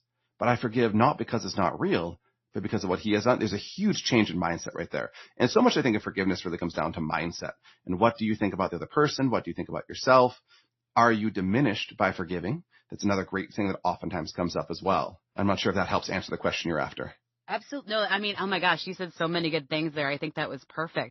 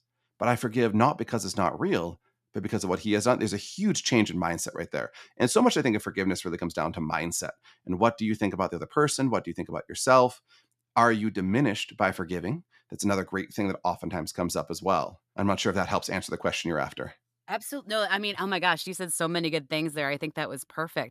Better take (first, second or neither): second